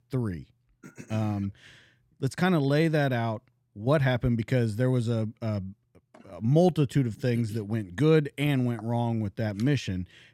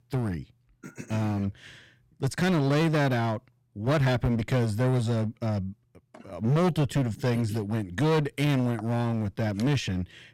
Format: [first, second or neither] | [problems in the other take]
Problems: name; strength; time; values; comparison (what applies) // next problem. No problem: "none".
first | distortion; heavy; 15% of the sound clipped